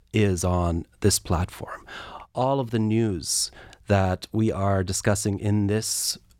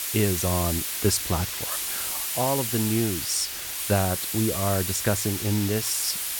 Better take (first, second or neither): first